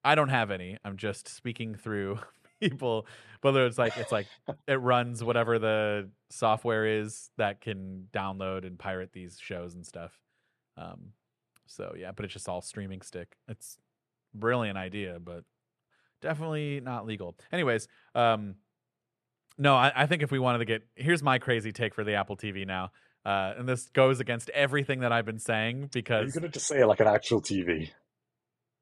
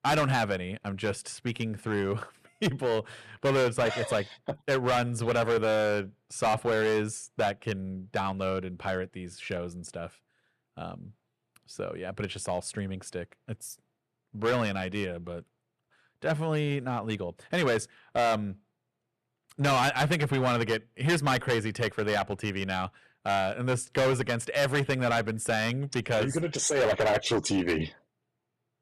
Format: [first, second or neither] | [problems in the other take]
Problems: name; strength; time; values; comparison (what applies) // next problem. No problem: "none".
first | distortion; heavy; 8% of the sound clipped